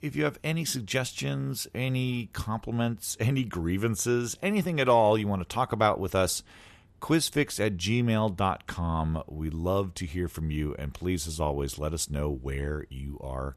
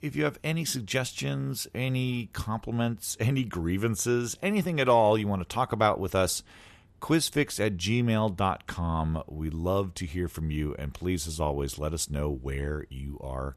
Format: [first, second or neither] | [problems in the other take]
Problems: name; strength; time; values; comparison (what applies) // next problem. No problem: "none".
neither | none